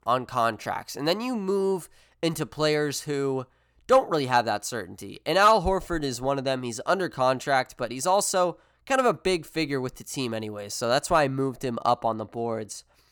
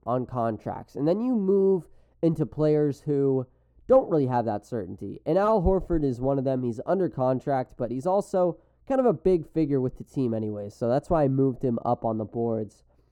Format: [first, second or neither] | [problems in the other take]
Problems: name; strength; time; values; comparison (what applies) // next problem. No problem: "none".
first | muffled; very; fading above 1 kHz